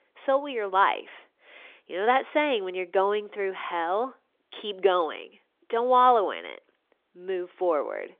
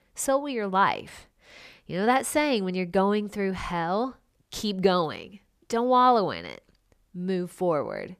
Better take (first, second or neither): second